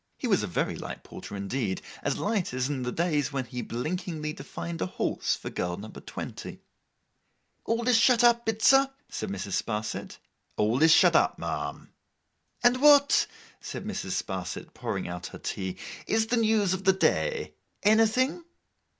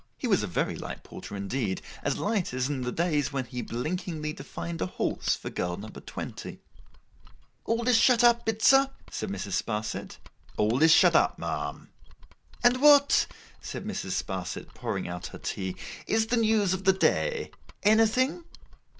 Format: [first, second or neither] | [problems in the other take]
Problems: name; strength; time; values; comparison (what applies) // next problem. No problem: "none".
first | background sound (Mechanisms); 17 dB below the speech